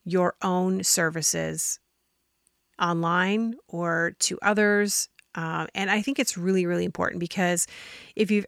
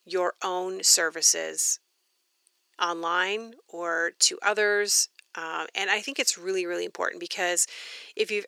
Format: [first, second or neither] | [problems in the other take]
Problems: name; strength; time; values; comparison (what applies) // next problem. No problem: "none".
first | thin; very; fading below 400 Hz